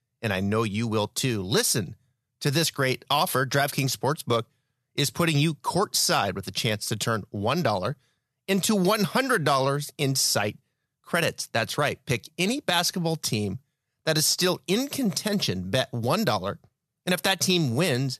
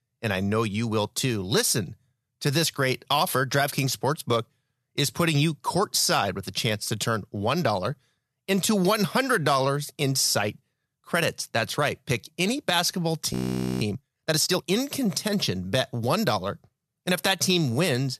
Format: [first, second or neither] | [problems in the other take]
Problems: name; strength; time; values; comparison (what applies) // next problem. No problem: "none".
first | audio freezing; at 13 s